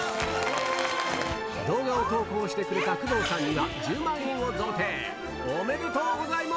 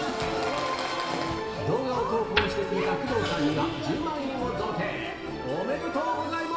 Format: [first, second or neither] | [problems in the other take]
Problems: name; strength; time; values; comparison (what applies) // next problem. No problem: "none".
first | background sound (Wood); 11 dB below the speech // room echo; dies away in 2.2 s